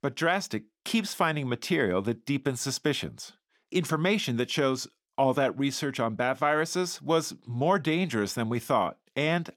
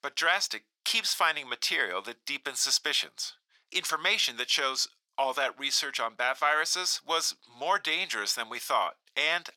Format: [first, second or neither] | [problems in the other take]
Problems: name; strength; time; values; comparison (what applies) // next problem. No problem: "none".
first | thin; very; fading below 1 kHz